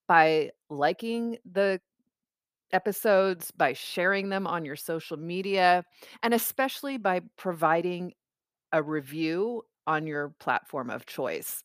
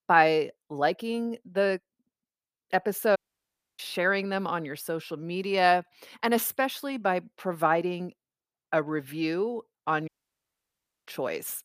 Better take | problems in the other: first | audio cutting out; at 3 s for 0.5 s and at 10 s for 1 s

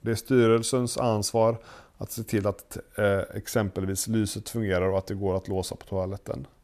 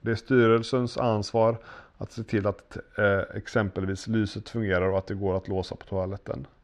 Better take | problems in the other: first | muffled; very slightly; fading above 4.5 kHz

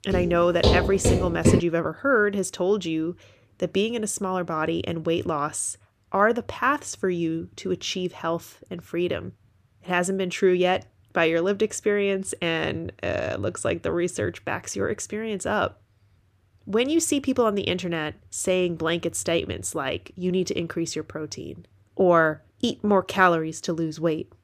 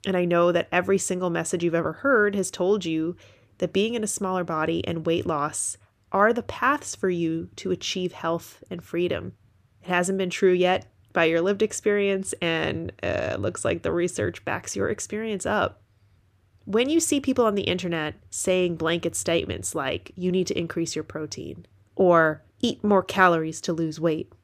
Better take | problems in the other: second | footsteps; loud; until 1.5 s; peak 4 dB above the speech

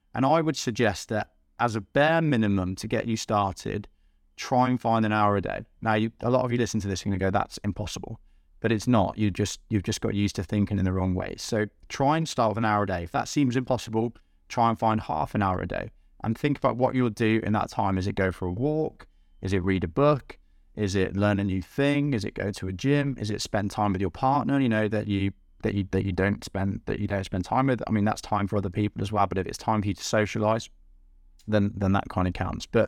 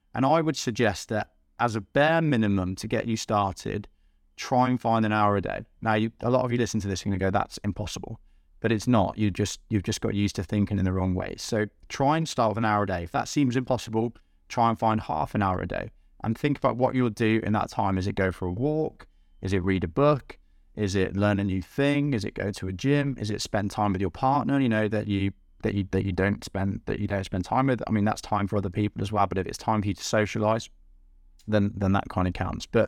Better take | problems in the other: neither | none

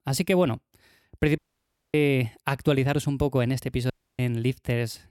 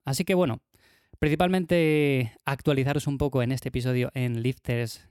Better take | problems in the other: second | audio cutting out; at 1.5 s for 0.5 s and at 4 s

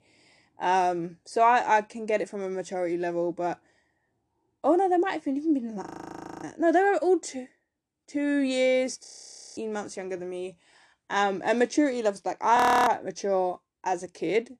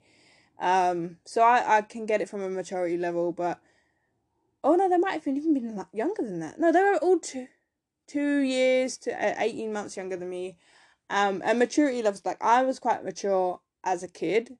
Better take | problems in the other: second | audio freezing; at 6 s for 0.5 s, at 9 s for 0.5 s and at 13 s

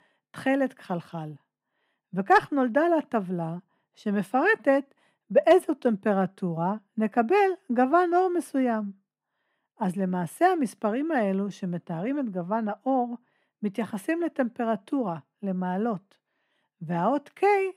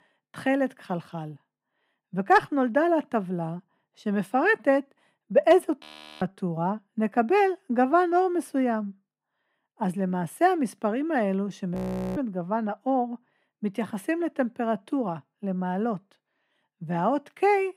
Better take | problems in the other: first | audio freezing; at 6 s and at 12 s

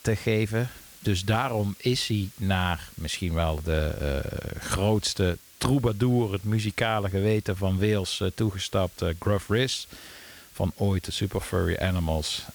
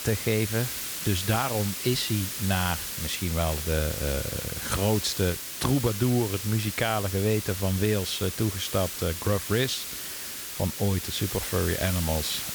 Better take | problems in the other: first | hiss; loud; throughout; 4 dB below the speech; faint in the first

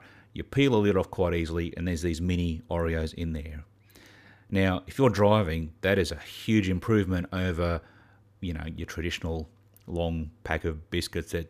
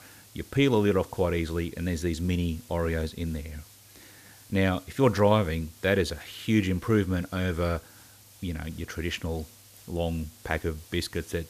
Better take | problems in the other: first | hiss; faint; throughout; 20 dB below the speech

